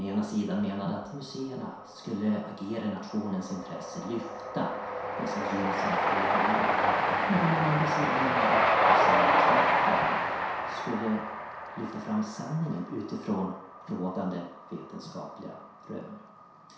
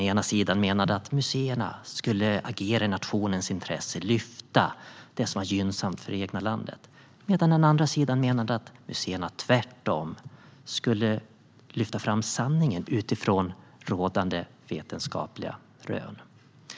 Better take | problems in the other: second | background sound (Train); 4 dB above the speech // room echo; dies away in 0.7 s

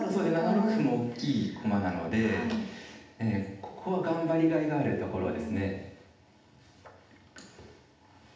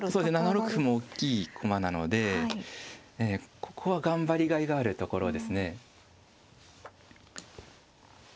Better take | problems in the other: second | room echo; dies away in 0.8 s

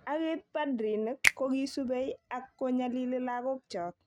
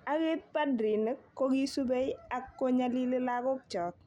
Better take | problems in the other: second | noise reduction (neural mask model RNNoise)

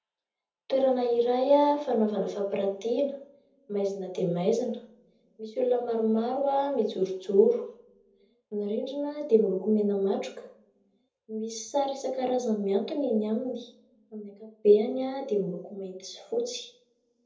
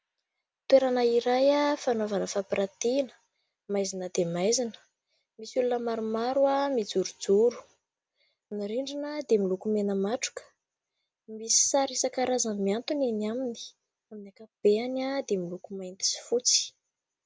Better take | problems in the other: second | room echo; dies away in 0.6 s

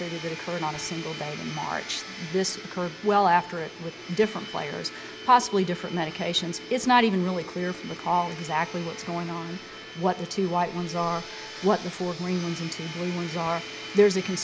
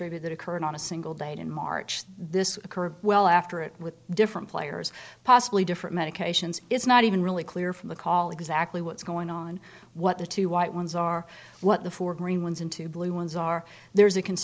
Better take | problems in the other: second | background sound (Domestic sounds, home sounds); 12 dB below the speech

